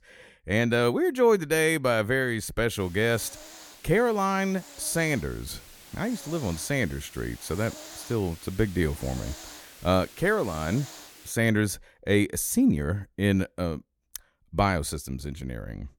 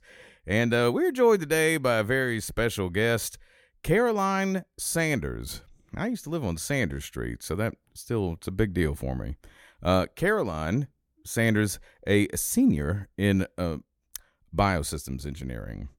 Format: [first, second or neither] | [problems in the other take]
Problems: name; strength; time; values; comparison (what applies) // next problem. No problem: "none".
second | hiss; noticeable; from 3 to 11 s; 20 dB below the speech